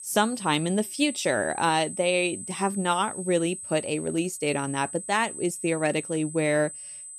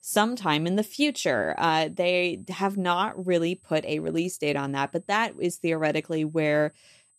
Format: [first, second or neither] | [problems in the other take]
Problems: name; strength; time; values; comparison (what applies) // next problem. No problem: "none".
second | high-pitched whine; loud; throughout; 8 kHz, 10 dB below the speech; faint in the second